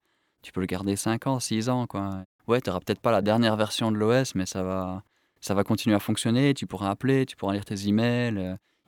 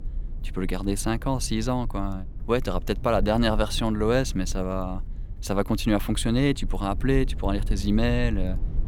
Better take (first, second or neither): first